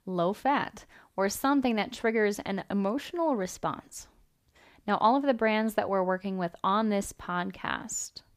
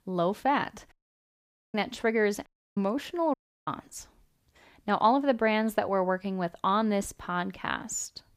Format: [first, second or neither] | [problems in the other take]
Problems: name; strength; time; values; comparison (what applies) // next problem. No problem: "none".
first | audio cutting out; at 1 s for 1 s, at 2.5 s and at 3.5 s